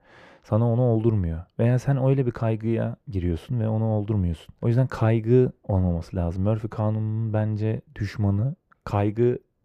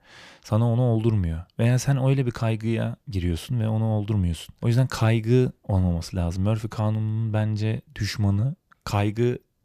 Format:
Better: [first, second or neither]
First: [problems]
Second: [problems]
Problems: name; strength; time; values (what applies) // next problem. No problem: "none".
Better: second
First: muffled; very; fading above 2.5 kHz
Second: none